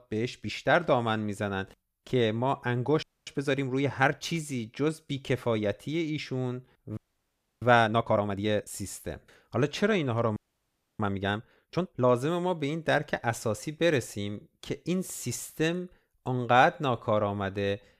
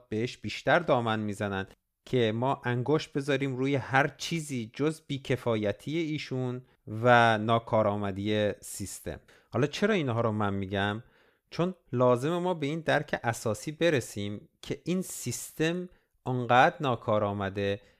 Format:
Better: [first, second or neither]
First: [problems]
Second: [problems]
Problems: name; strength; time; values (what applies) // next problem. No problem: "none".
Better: second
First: audio freezing; at 3 s, at 7 s for 0.5 s and at 10 s for 0.5 s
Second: none